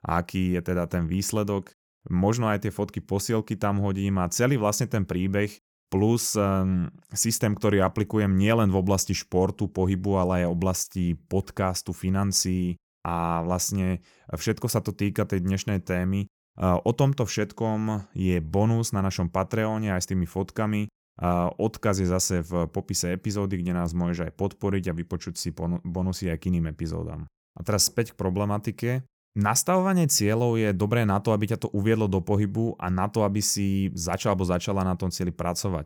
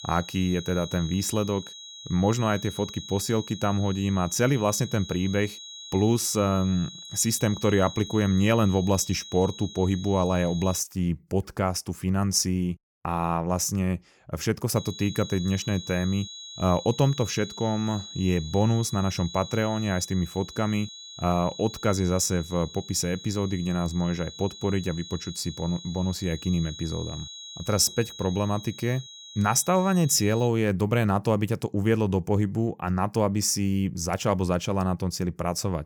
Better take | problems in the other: first | high-pitched whine; noticeable; until 11 s and from 15 to 30 s; 4 kHz, 15 dB below the speech

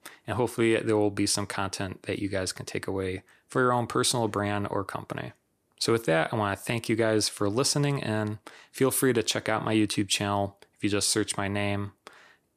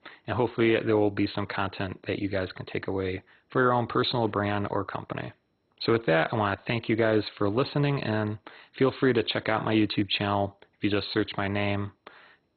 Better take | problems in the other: first | garbled, watery; badly; nothing above 4 kHz

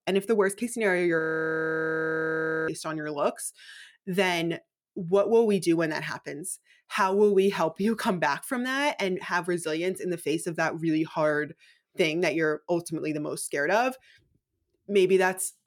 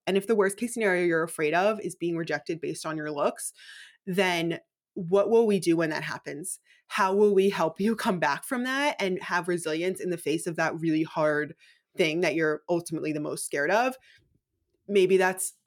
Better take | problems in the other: second | audio freezing; at 1 s for 1.5 s

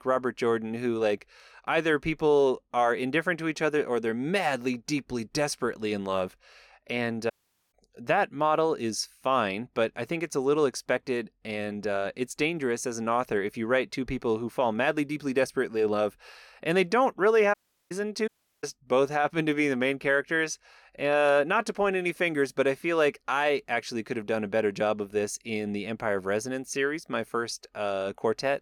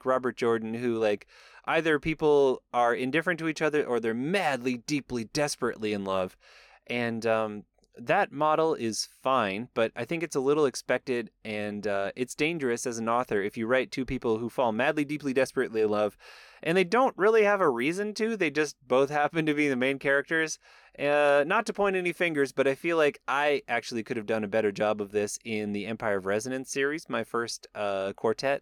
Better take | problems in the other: second | audio cutting out; at 7.5 s and at 18 s

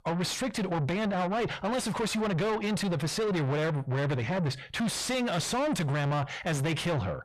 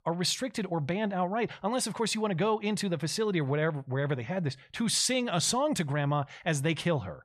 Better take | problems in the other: second | distortion; heavy; 5 dB below the speech

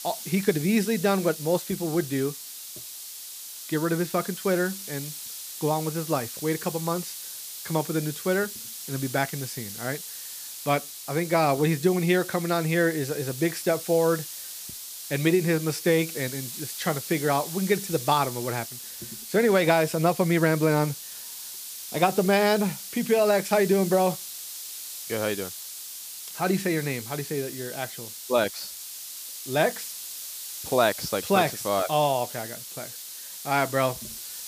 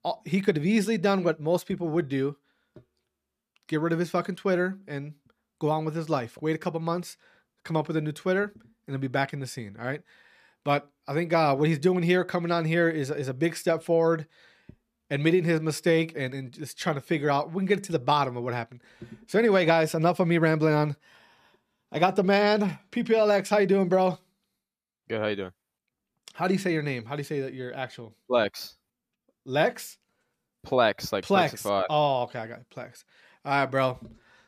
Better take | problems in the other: second | hiss; loud; throughout; 10 dB below the speech

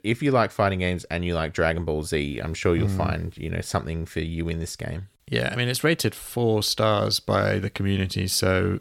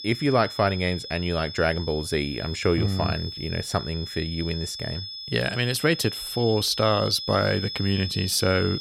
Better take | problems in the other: first | high-pitched whine; loud; throughout; 5 kHz, 8 dB below the speech

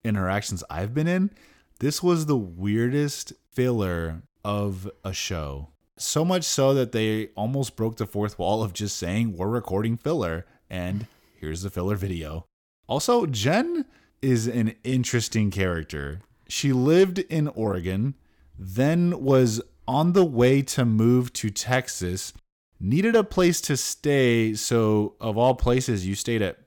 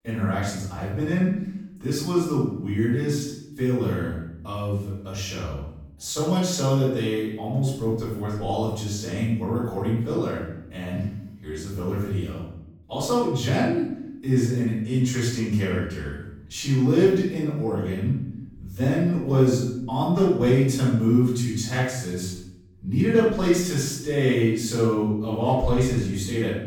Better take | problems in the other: first | off-mic speech; far // room echo; noticeable; dies away in 0.7 s

